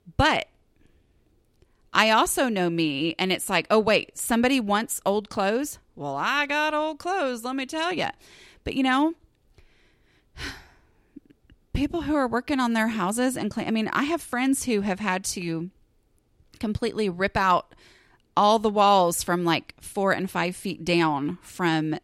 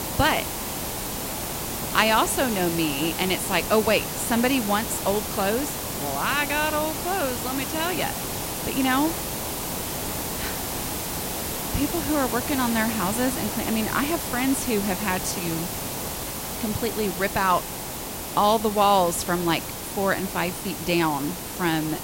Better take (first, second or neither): first